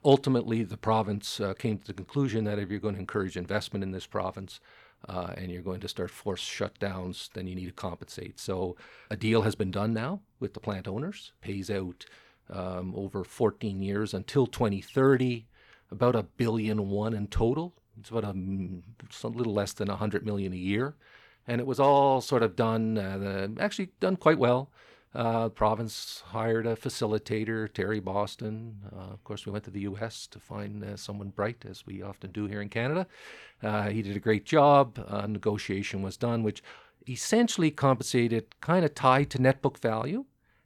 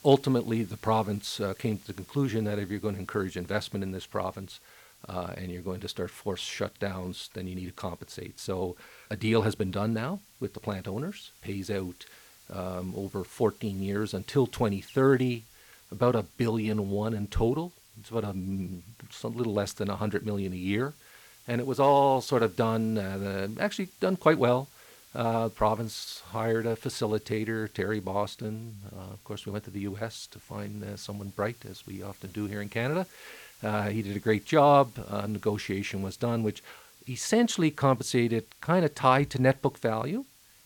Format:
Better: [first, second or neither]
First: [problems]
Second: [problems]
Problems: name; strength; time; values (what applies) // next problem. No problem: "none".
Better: first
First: none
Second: hiss; faint; throughout; 25 dB below the speech